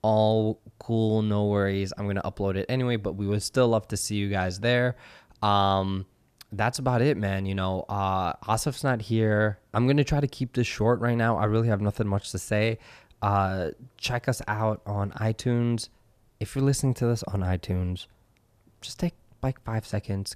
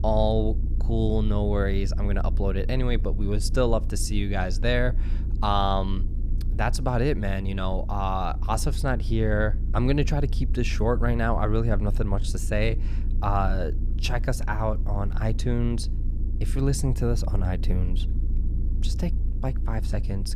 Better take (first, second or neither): first